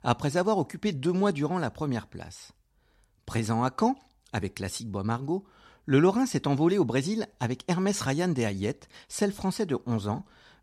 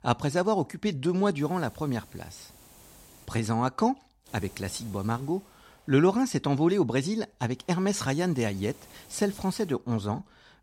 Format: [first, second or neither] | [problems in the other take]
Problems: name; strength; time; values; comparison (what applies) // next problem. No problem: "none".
first | hiss; faint; from 1.5 to 3.5 s, from 4.5 to 6 s and from 7.5 to 9.5 s; 25 dB below the speech